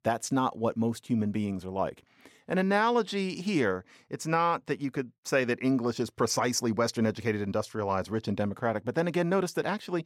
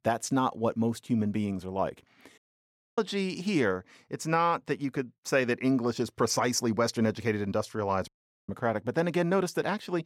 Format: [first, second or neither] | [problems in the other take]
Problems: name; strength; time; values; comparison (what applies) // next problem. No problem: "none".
first | audio cutting out; at 2.5 s for 0.5 s and at 8 s